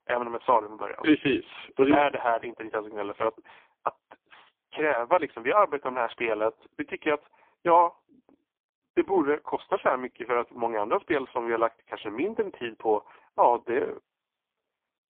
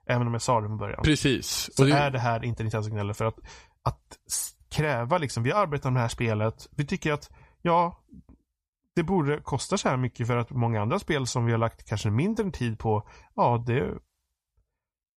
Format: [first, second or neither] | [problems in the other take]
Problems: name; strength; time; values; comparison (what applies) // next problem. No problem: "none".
second | phone-call audio; poor line